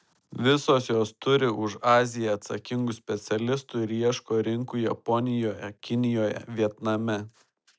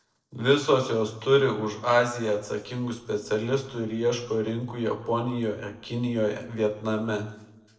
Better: first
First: none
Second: noise reduction (neural separator model SepFormer DNS4)

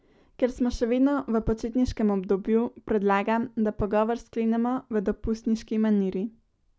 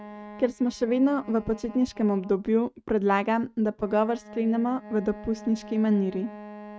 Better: first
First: none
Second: noise reduction (neural mask model RNNoise)

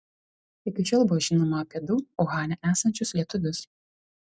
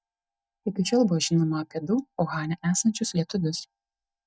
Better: first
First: none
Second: noise reduction (neural mask model DeepFilterNet 3)

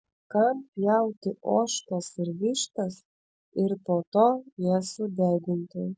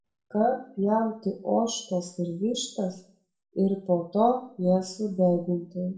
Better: first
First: none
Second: room echo; dies away in 0.4 s

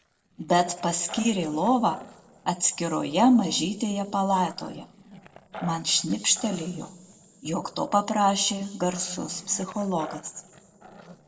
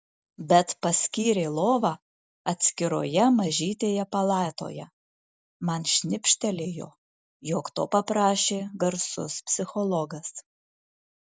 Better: second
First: noise reduction (neural separator model SepFormer DNS4)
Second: none

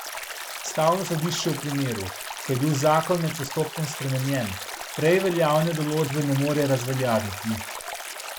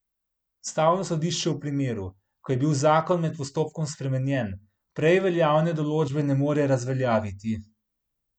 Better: second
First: background sound (Stream); 10 dB below the speech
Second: none

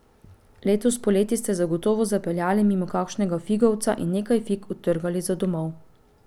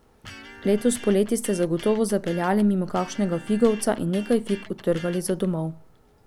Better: first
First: none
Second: background sound (Electric guitar); 20 dB below the speech

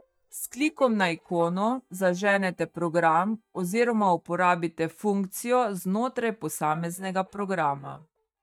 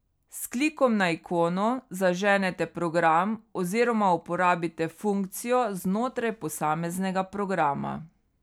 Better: second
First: noise reduction (neural mask model DeepFilterNet 3)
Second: none

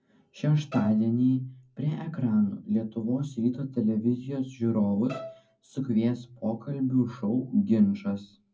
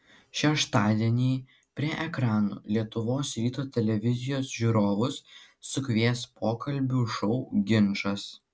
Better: second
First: background sound (Bowed string instrument); 16 dB below the speech // room echo; dies away in 0.3 s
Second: none

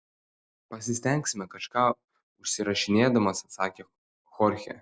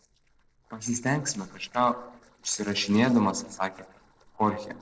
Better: first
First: none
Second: noise reduction (neural separator model SepFormer DNS4)

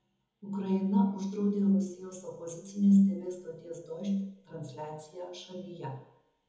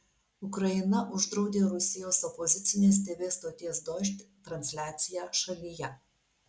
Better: second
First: room echo; dies away in 1 s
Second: none

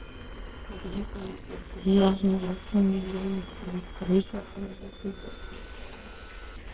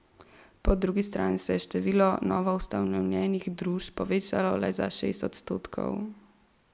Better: second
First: noise reduction (neural separator model SepFormer WHAMR!)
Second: none

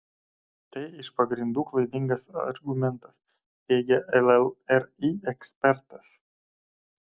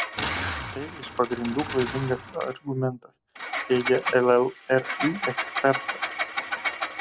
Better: first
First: none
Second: background sound (Engine); 5 dB below the speech

